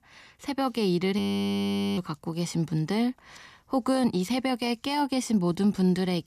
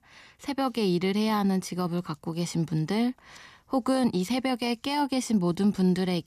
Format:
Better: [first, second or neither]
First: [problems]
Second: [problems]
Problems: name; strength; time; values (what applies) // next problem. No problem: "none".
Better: second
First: audio freezing; at 1 s for 1 s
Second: none